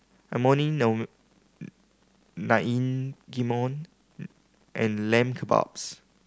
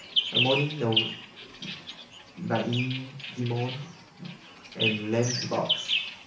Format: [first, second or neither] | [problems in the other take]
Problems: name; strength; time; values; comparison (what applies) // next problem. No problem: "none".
first | background sound (Bird vocalization, bird call, bird song); 1 dB below the speech // room echo; dies away in 0.7 s